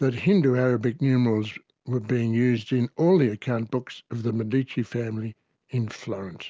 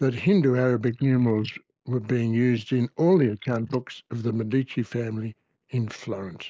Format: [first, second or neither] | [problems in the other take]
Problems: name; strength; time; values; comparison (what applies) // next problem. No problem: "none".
first | noise reduction (neural mask model Resemble Enhance denoiser)